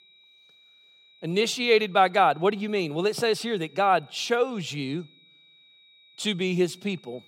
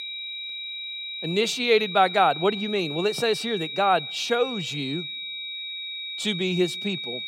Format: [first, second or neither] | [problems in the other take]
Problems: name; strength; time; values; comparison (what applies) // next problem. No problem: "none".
first | high-pitched whine; loud; throughout; 4 kHz, 7 dB below the speech; faint in the first